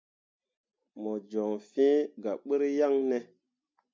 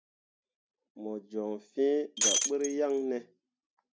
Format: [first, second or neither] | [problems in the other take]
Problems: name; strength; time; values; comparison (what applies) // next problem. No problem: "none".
first | background sound (Shatter); 3 dB above the speech